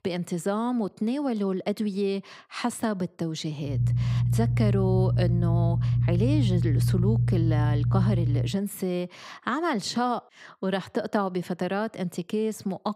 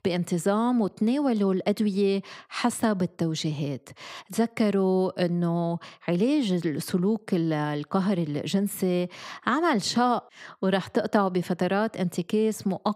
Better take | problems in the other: second | low rumble; loud; from 3.5 to 8.5 s; 6 dB below the speech

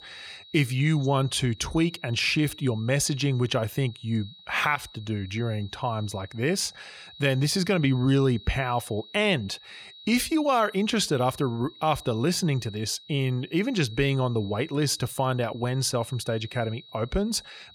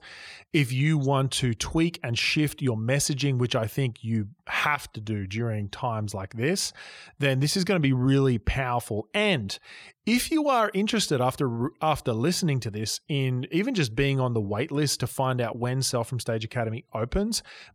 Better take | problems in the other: second | high-pitched whine; noticeable; throughout; 4 kHz, 20 dB below the speech

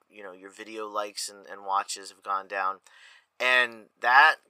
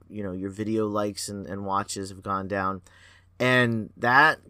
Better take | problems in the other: second | thin; very; fading below 750 Hz

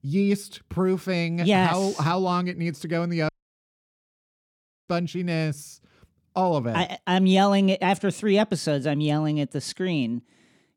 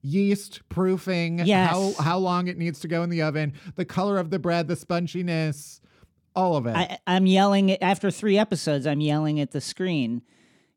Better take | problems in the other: second | audio cutting out; at 3.5 s for 1.5 s

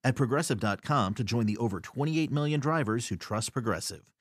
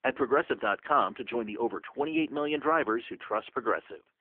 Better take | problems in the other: first | phone-call audio; poor line

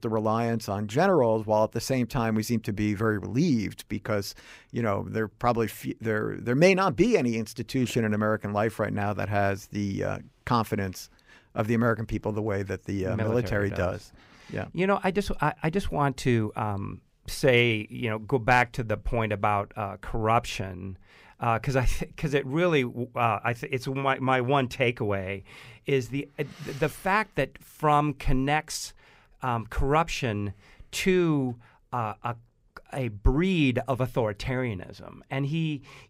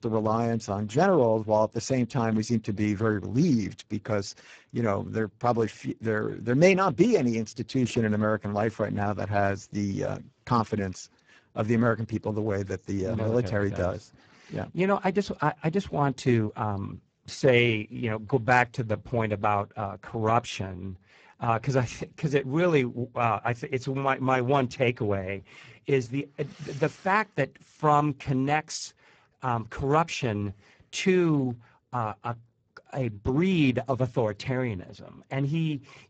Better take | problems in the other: first | garbled, watery; badly; nothing above 7.5 kHz

